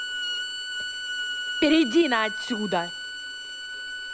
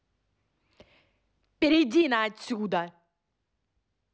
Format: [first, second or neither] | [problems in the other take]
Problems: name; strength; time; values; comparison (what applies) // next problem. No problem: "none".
second | background sound (Bowed string instrument); 5 dB below the speech